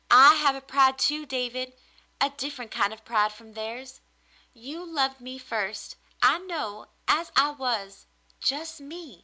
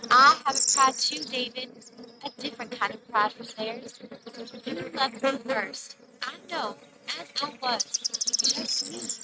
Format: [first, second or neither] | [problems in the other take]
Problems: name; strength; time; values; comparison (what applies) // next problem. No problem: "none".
first | noise reduction (neural mask model RNNoise)